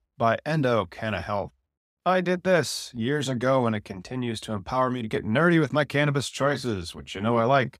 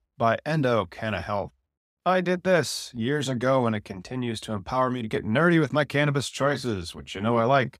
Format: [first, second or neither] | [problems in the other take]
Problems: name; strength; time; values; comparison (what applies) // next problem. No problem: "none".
neither | none